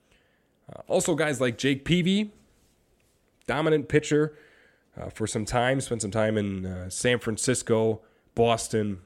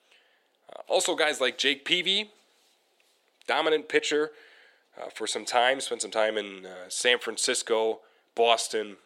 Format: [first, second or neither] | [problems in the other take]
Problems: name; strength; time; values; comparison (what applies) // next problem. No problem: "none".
first | thin; very; fading below 400 Hz